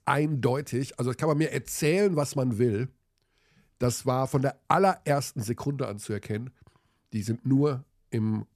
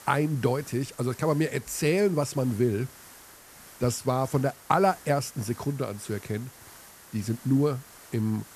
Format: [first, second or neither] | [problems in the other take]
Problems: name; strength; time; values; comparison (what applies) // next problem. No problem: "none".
first | hiss; noticeable; throughout; 20 dB below the speech